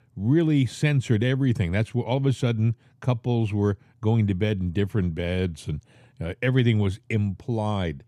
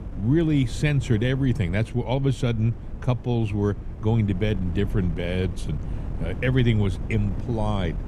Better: first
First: none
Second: wind noise on the microphone; occasional gusts; 15 dB below the speech

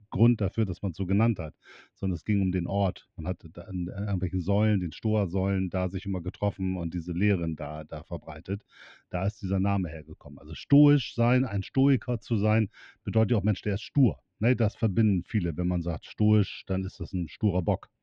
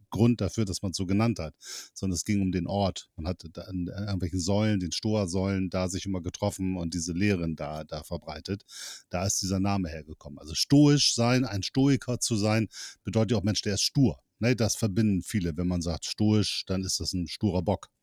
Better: second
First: muffled; very; fading above 2.5 kHz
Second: none

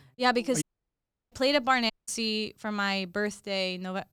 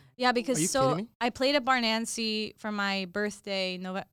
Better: second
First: audio cutting out; at 0.5 s for 0.5 s and at 2 s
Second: none

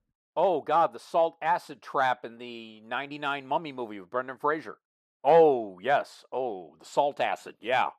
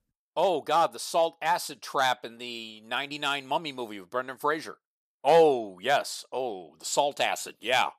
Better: second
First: muffled; slightly; fading above 3 kHz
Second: none

